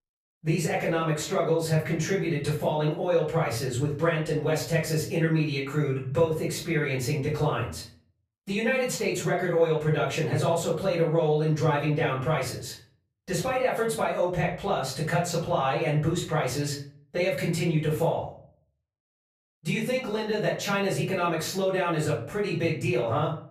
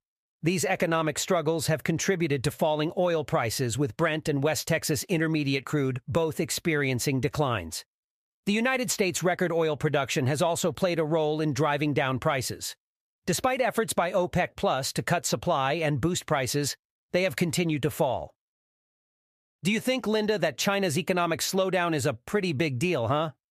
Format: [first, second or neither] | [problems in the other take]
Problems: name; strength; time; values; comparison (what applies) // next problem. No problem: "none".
second | off-mic speech; far // room echo; slight; dies away in 0.4 s